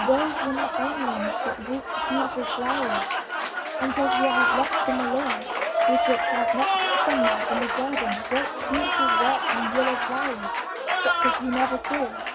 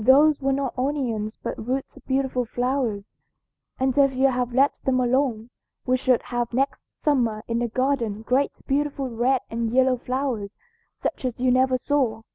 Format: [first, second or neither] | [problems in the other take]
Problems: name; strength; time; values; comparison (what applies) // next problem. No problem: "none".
second | background sound (Applause); 4 dB above the speech // room echo; dies away in 0.4 s